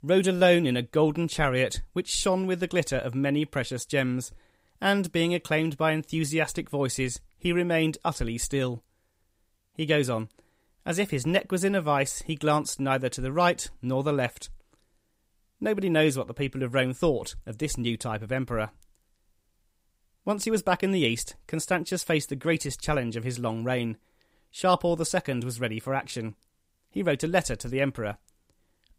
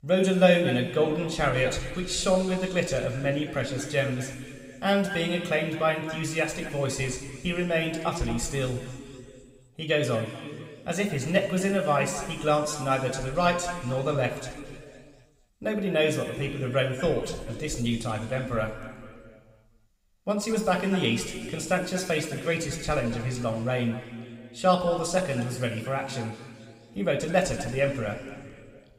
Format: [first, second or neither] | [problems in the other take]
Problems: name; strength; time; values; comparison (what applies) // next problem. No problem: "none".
first | room echo; noticeable; dies away in 2.1 s // off-mic speech; somewhat distant